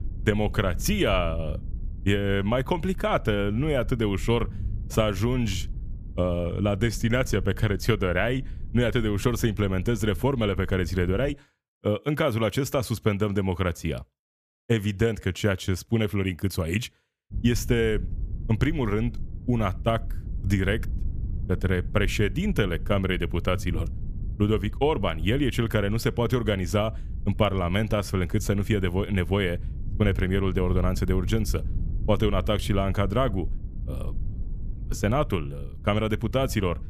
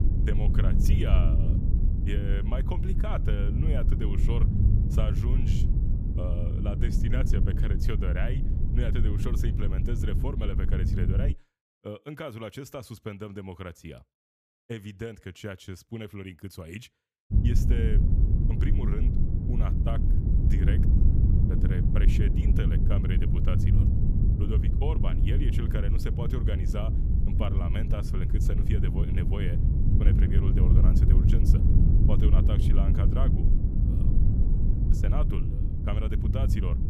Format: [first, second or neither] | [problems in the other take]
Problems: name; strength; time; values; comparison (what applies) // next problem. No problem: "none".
first | low rumble; loud; until 11 s and from 17 s on; as loud as the speech; faint in the first